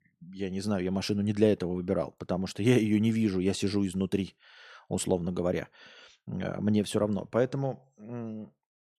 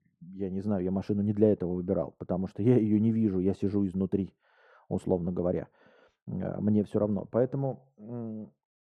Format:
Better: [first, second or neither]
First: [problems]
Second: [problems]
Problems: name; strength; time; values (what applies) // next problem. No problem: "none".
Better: first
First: none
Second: muffled; very; fading above 1.5 kHz